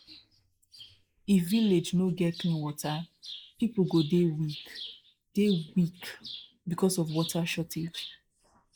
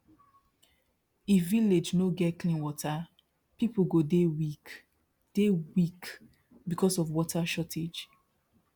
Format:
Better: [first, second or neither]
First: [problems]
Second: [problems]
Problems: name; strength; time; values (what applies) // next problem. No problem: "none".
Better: second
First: noise reduction (neural mask model Resemble Enhance denoiser)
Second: none